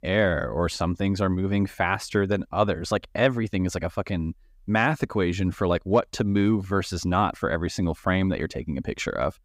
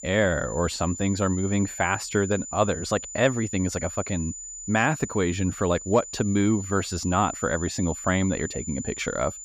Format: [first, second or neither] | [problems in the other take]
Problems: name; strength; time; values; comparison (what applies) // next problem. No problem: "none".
first | high-pitched whine; loud; throughout; 7 kHz, 10 dB below the speech